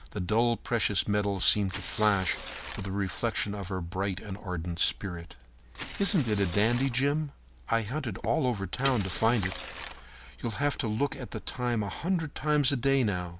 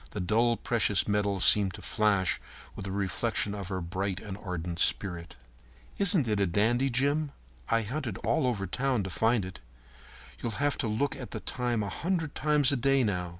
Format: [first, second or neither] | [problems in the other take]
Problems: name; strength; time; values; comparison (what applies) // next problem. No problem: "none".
second | background sound (Water / Splash, splatter + Tearing); 13 dB below the speech